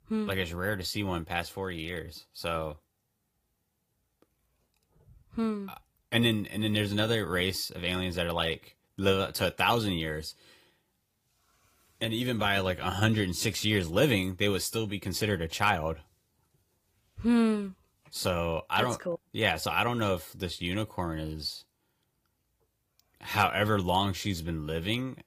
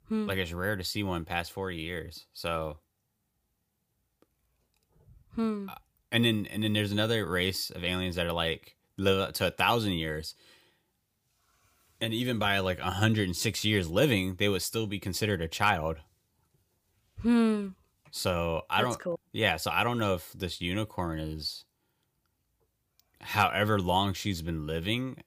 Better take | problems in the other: second | garbled, watery; slightly; nothing above 15 kHz

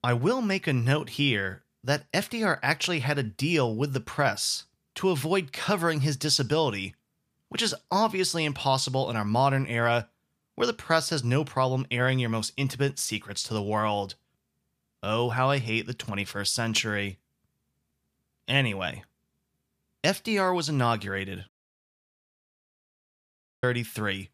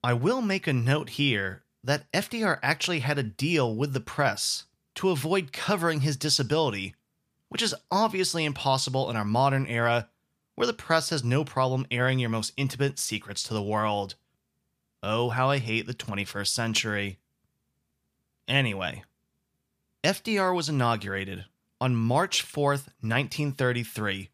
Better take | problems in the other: second | audio cutting out; at 21 s for 2 s

